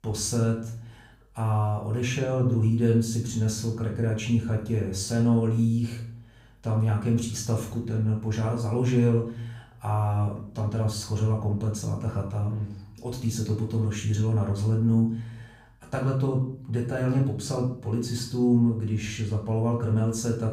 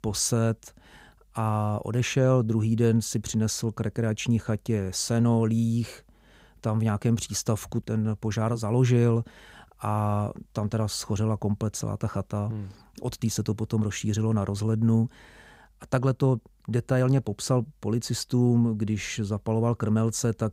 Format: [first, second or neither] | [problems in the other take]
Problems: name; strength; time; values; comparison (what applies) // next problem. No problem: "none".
second | off-mic speech; far // room echo; noticeable; dies away in 0.5 s